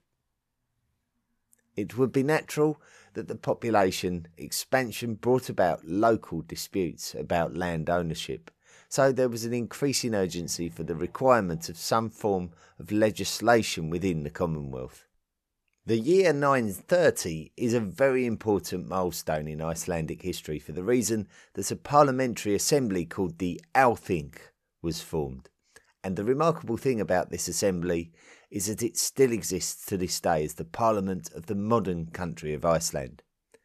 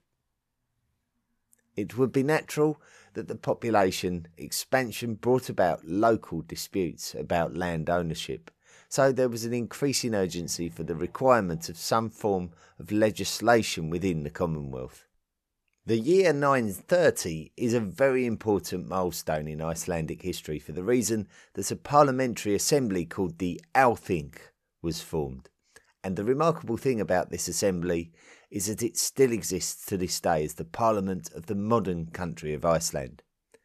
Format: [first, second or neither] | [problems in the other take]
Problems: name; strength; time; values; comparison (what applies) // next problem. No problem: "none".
neither | none